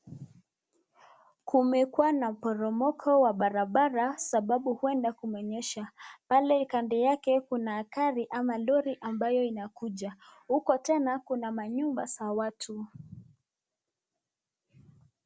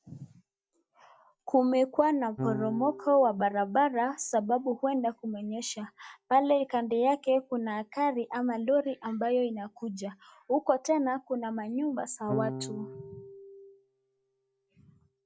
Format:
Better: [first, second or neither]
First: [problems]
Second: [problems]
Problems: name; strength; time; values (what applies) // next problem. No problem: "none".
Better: first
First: none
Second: noise reduction (classical method log-MMSE)